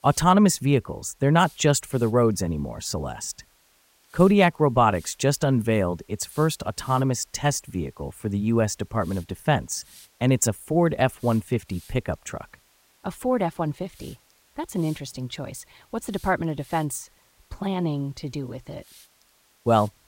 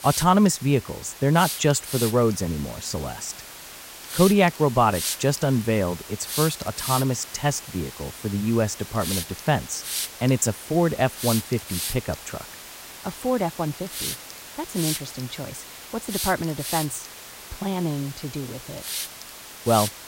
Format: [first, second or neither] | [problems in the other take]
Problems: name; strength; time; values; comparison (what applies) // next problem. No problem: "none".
first | hiss; loud; throughout; 8 dB below the speech; faint in the first